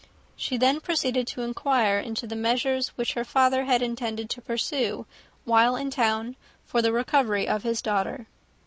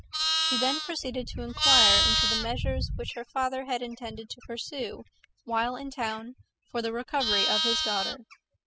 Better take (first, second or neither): first